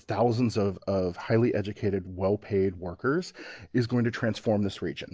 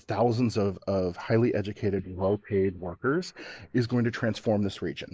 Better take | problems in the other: first | noise reduction (neural mask model Resemble Enhance denoiser)

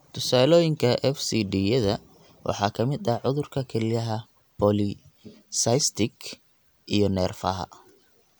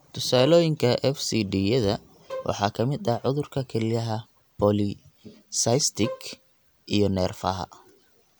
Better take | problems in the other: first | background sound (Bowed string instrument); 16 dB below the speech

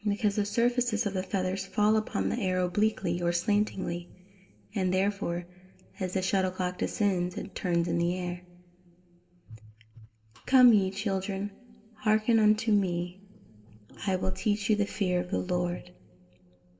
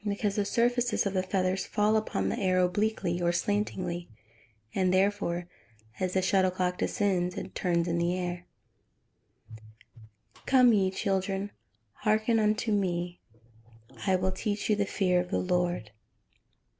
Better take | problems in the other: second | room echo; dies away in 0.6 s

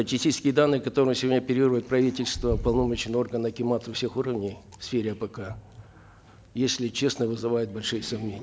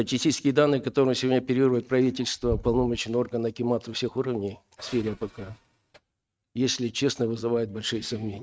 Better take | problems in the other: first | noise reduction (neural mask model RNNoise)

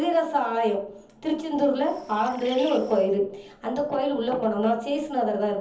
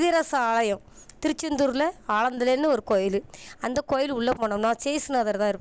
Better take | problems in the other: second | background sound (Bird); 19 dB below the speech // room echo; dies away in 0.7 s

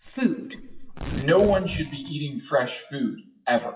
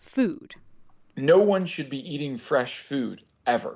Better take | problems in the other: second | noise reduction (classical method WPE with log-MMSE)

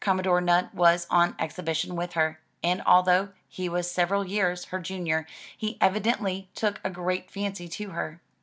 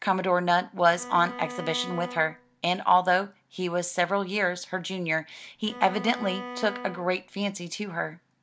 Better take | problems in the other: first | background sound (Bowed string instrument); 12 dB below the speech

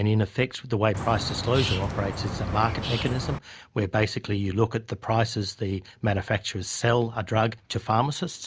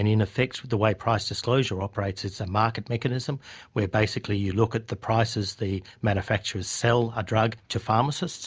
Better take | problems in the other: second | background sound (Bird); 5 dB below the speech

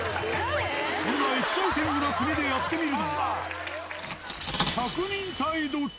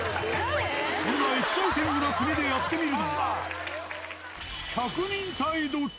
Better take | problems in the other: second | background sound (Cutlery, silverware); 10 dB below the speech

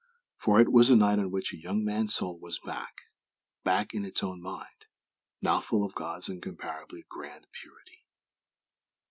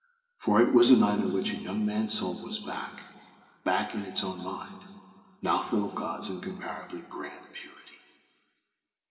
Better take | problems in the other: first | room echo; dies away in 2.2 s

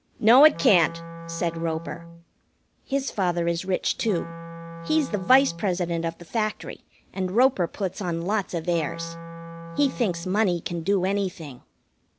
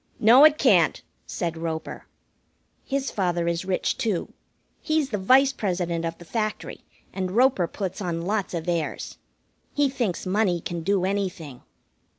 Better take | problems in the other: second | background sound (Wind instrument, woodwind instrument); 13 dB below the speech

